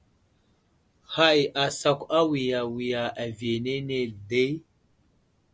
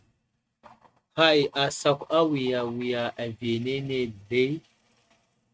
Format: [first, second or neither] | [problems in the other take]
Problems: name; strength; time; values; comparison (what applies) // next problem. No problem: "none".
first | noise reduction (neural mask model RNNoise)